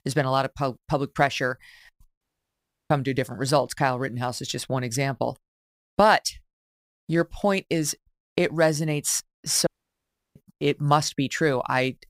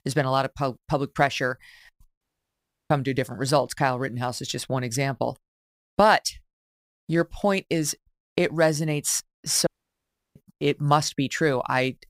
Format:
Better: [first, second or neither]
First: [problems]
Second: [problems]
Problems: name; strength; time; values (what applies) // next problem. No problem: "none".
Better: neither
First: audio cutting out; at 2 s for 0.5 s and at 9.5 s for 0.5 s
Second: audio cutting out; at 2 s for 0.5 s and at 9.5 s for 0.5 s